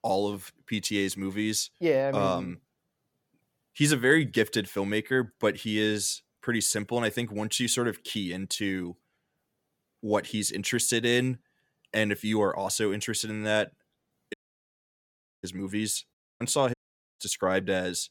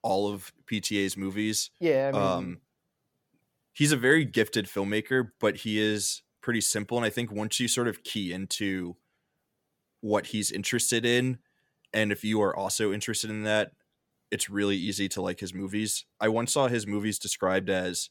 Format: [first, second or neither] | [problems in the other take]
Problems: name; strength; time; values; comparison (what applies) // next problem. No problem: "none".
second | audio cutting out; at 14 s for 1 s, at 16 s and at 17 s